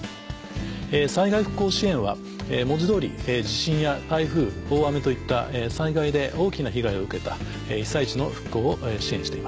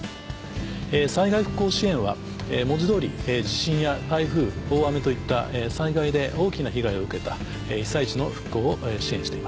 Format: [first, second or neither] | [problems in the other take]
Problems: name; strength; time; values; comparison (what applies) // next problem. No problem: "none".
first | background sound (Mechanical fan); 13 dB below the speech